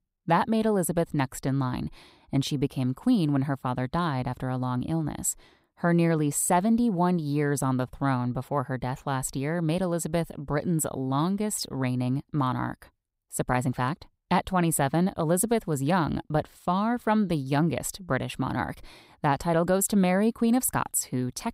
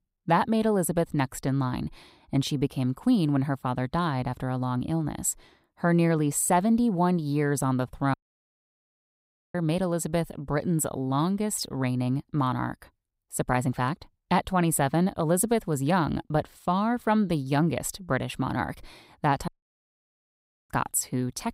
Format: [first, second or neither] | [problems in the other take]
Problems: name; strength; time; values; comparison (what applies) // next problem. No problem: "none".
first | audio cutting out; at 8 s for 1.5 s and at 19 s for 1 s